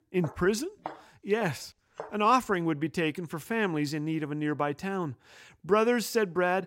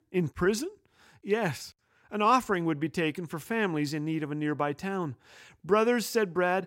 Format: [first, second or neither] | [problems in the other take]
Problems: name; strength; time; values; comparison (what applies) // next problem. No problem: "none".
second | footsteps; faint; until 2 s; peak 15 dB below the speech